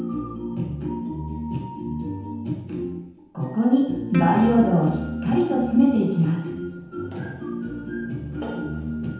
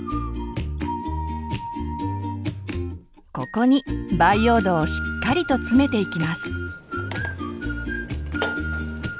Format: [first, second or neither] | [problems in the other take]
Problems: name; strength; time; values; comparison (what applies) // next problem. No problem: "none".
second | background sound (Plucked string instrument); 16 dB below the speech // room echo; dies away in 0.9 s